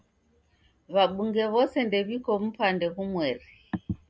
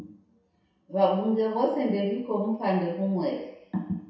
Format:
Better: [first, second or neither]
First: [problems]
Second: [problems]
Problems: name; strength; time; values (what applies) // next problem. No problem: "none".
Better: first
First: none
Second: room echo; dies away in 0.7 s